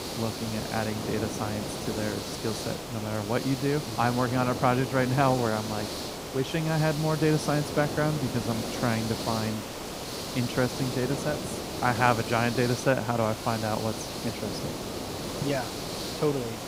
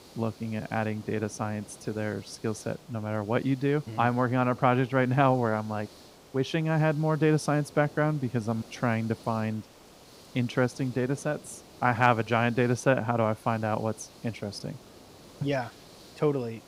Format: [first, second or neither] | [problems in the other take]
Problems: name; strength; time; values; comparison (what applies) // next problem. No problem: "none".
second | hiss; loud; throughout; 5 dB below the speech; faint in the second